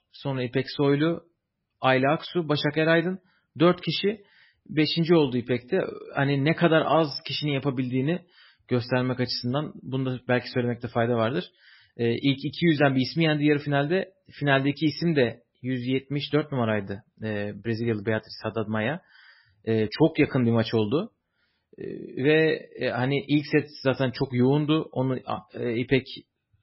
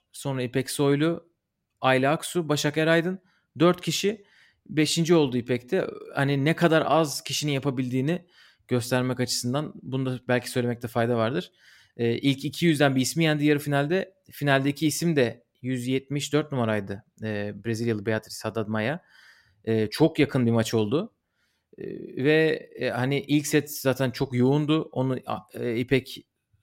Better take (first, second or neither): second